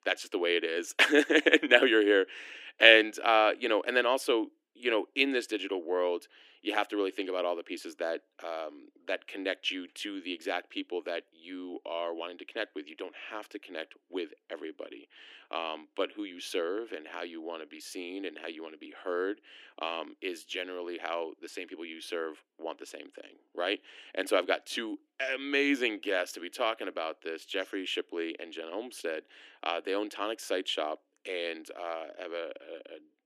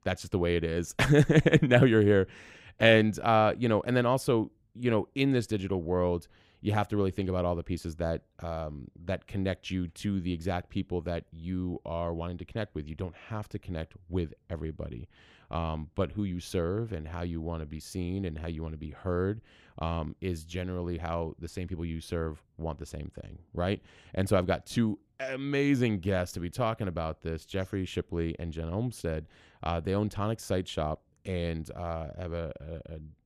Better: second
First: thin; somewhat; fading below 300 Hz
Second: none

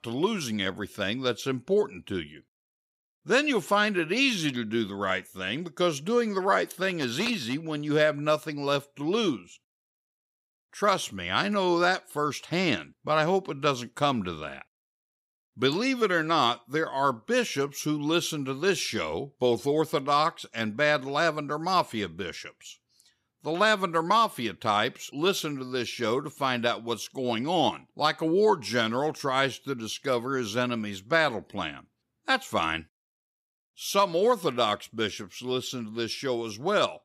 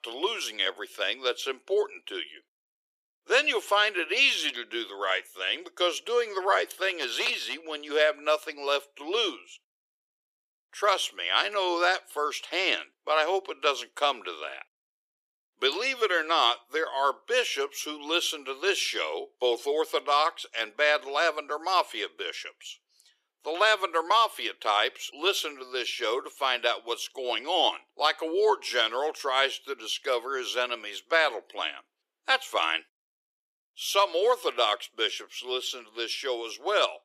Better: first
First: none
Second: thin; very; fading below 400 Hz

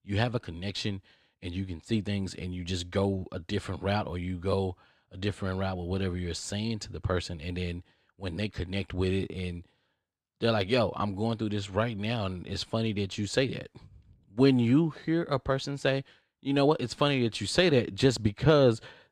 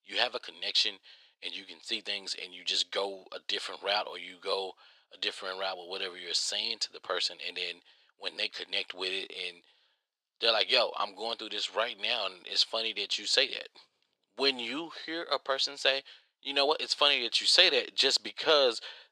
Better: first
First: none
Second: thin; very; fading below 500 Hz

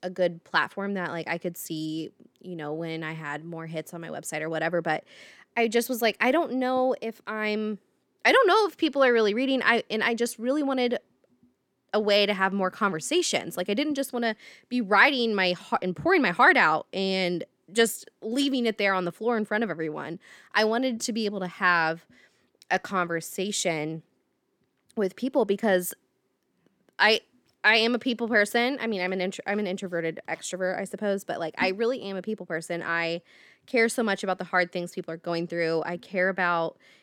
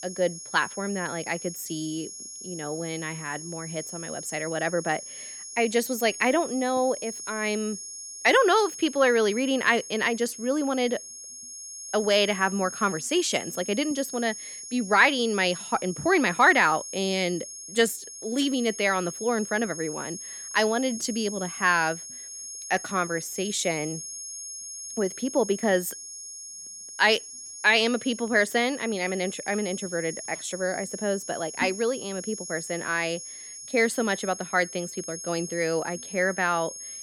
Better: first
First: none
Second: high-pitched whine; noticeable; throughout; 6.5 kHz, 10 dB below the speech

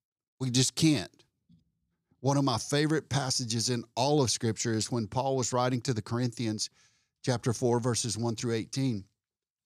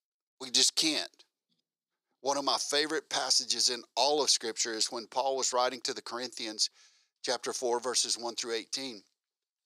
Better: first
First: none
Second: thin; very; fading below 450 Hz

